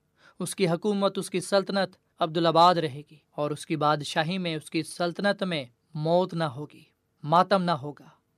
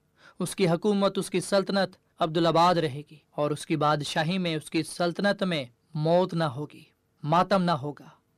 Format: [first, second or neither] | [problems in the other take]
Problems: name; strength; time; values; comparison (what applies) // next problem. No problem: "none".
first | distortion; slight; 10 dB below the speech